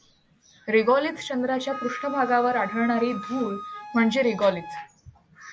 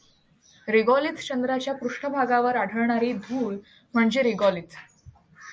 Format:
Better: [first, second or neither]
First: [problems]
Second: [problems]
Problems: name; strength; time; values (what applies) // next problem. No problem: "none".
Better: second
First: background sound (Wind instrument, woodwind instrument); 14 dB below the speech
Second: none